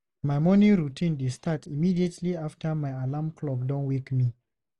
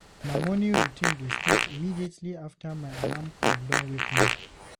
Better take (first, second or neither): first